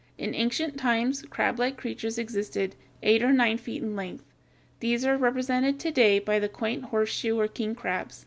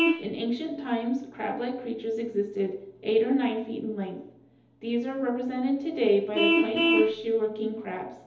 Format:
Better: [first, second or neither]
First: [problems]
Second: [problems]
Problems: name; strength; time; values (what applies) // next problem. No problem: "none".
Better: first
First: none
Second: background sound (Vehicle horn, car horn, honking); 3 dB below the speech // room echo; dies away in 0.8 s